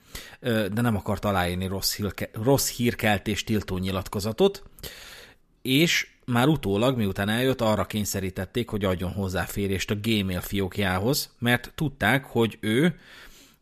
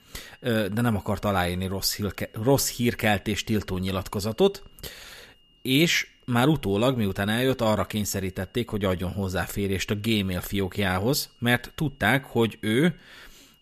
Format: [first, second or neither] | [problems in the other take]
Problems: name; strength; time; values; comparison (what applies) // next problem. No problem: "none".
first | high-pitched whine; faint; throughout; 3 kHz, 35 dB below the speech